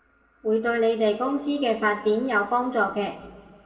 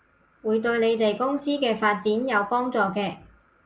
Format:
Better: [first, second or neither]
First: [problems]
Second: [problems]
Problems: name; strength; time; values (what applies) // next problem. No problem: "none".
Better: second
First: room echo; dies away in 1.5 s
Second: none